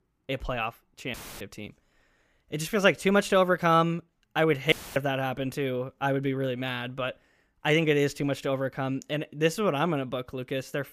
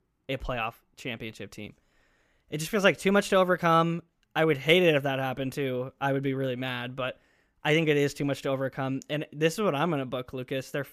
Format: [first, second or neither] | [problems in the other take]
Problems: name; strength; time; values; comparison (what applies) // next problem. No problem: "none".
second | audio cutting out; filled with static; at 1 s and at 4.5 s